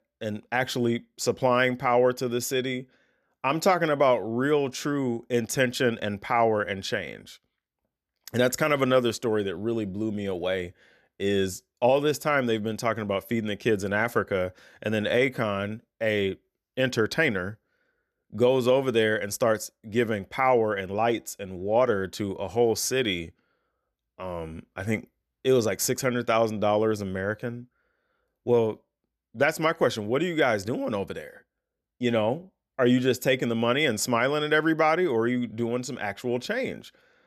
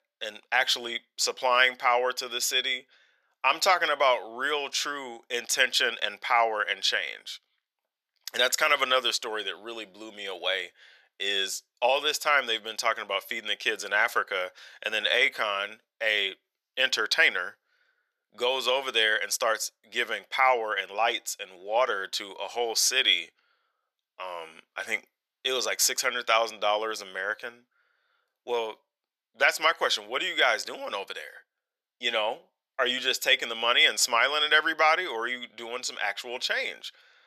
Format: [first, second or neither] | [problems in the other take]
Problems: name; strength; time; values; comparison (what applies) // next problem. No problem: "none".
first | thin; very; fading below 850 Hz